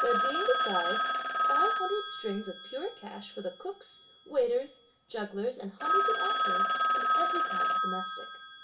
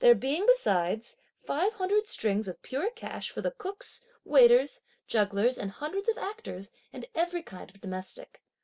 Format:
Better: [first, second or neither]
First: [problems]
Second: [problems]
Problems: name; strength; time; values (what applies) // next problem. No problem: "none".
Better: second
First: background sound (Telephone); 4 dB above the speech // room echo; dies away in 0.3 s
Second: none